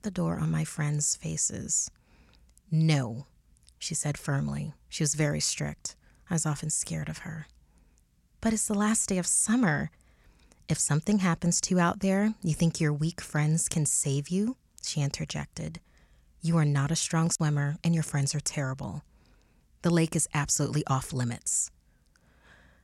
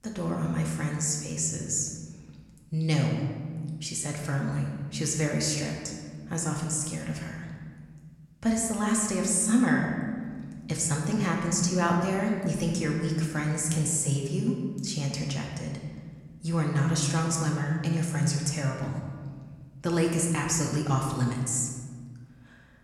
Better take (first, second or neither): first